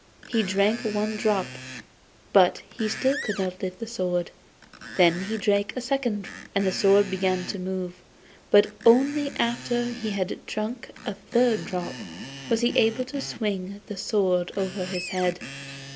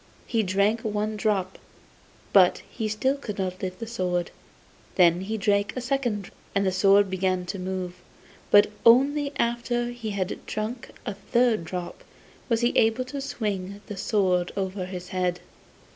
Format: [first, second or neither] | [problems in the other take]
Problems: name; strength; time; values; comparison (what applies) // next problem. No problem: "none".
second | background sound (Screech); 14 dB below the speech